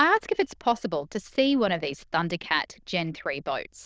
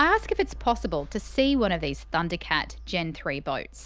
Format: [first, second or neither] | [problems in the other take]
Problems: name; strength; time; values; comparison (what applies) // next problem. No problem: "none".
second | noise reduction (neural diffusion model UNIVERSE++)